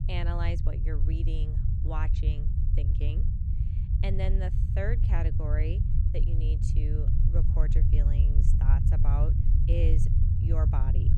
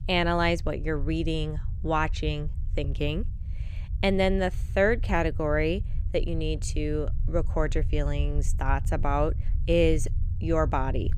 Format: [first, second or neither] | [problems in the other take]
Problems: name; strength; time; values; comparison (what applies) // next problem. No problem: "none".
second | low rumble; loud; throughout; 2 dB below the speech; faint in the second